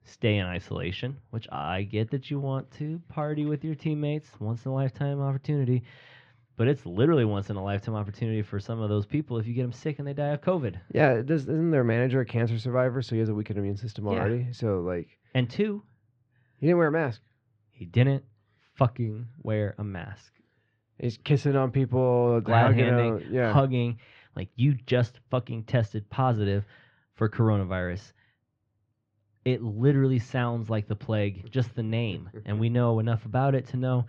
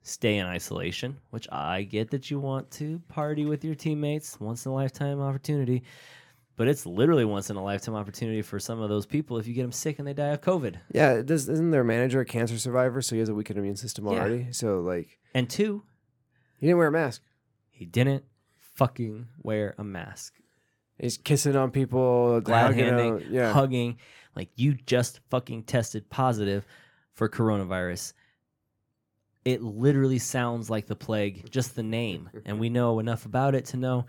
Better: second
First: muffled; slightly; fading above 4 kHz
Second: none

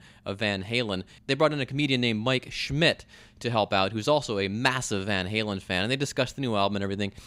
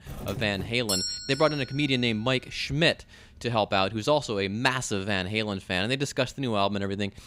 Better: first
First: none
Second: doorbell; noticeable; until 1.5 s; peak 1 dB below the speech

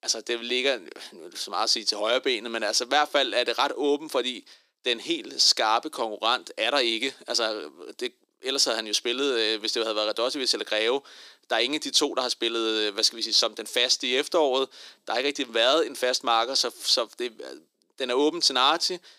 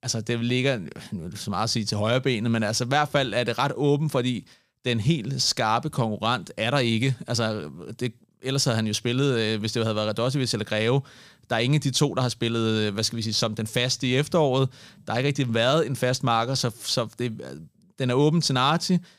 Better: second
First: thin; somewhat; fading below 300 Hz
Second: none

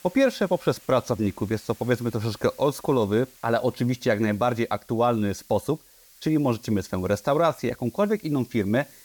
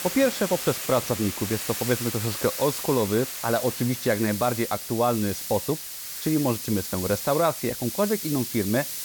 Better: first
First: hiss; faint; throughout; 25 dB below the speech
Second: hiss; loud; throughout; 5 dB below the speech

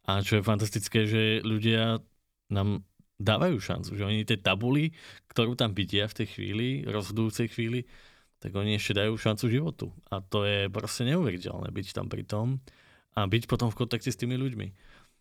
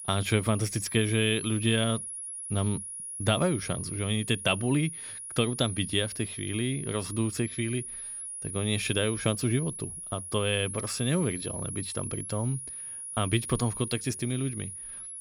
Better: first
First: none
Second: high-pitched whine; loud; throughout; 10.5 kHz, 7 dB below the speech

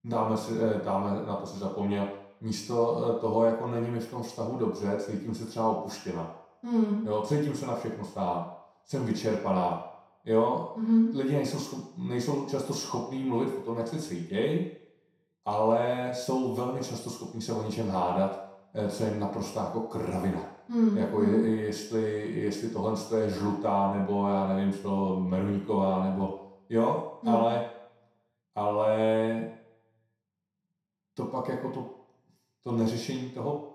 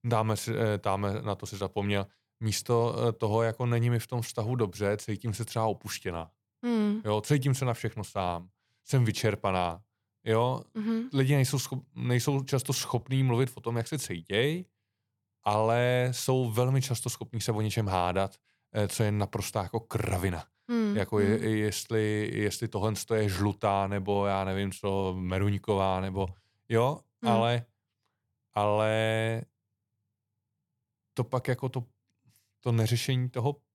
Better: second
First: room echo; noticeable; dies away in 0.7 s // off-mic speech; far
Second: none

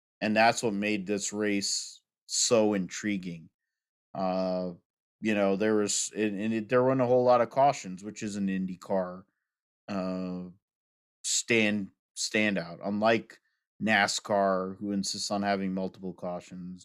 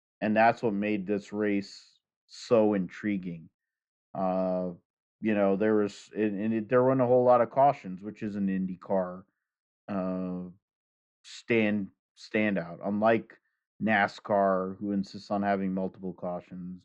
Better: first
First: none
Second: muffled; very; fading above 2 kHz

